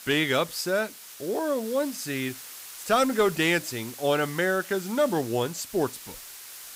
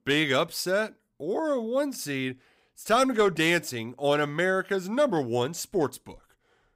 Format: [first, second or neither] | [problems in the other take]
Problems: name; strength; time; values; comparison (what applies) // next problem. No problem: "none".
second | hiss; noticeable; throughout; 15 dB below the speech